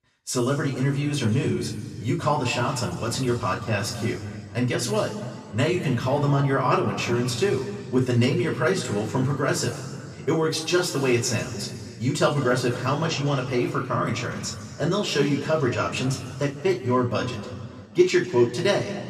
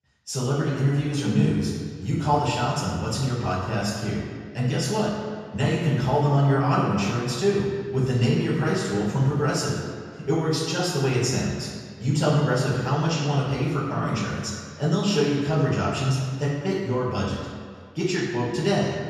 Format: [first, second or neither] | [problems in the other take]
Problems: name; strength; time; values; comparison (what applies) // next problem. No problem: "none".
first | room echo; strong; dies away in 1.8 s; slight in the first // off-mic speech; far; somewhat distant in the first